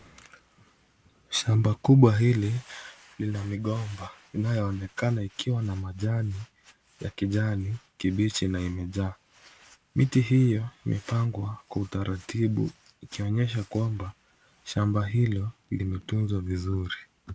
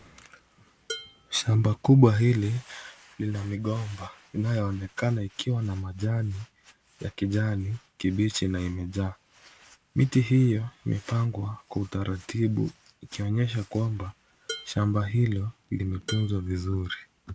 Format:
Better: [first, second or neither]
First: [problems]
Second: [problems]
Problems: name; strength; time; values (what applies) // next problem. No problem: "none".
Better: first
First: none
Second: background sound (Dishes, pots, and pans); 15 dB below the speech